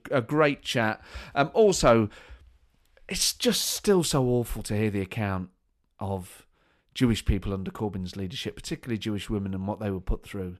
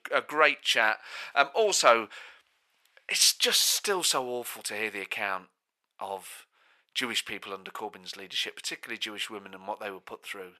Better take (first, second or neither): first